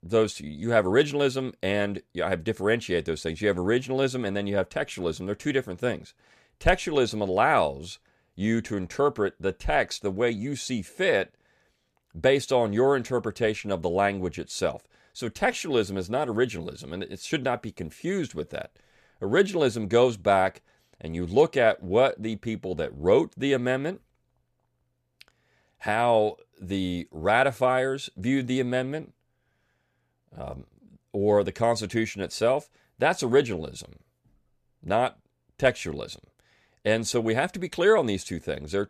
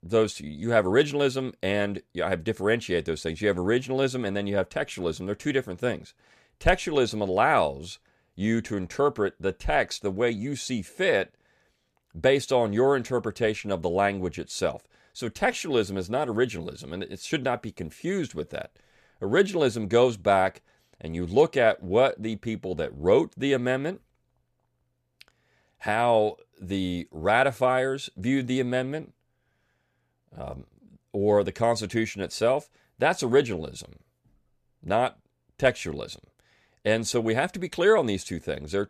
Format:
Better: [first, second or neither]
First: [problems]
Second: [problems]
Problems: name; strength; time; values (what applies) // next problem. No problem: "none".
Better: neither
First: none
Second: none